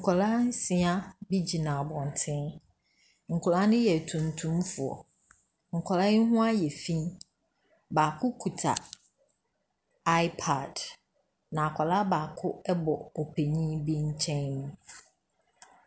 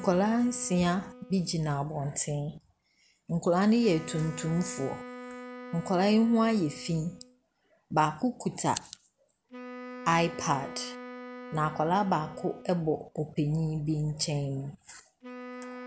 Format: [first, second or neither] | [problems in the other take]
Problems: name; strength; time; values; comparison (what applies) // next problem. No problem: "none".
first | background sound (Wind instrument, woodwind instrument); 16 dB below the speech